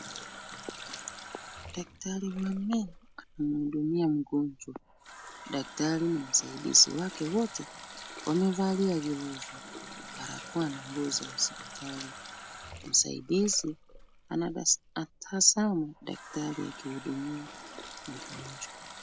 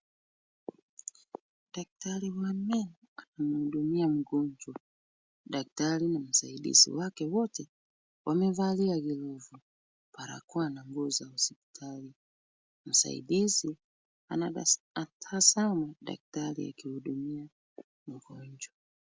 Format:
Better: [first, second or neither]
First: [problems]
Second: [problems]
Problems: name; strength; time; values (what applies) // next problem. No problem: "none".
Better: second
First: background sound (Water tap, faucet); 14 dB below the speech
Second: none